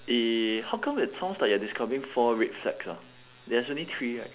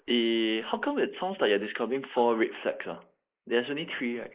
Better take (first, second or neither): first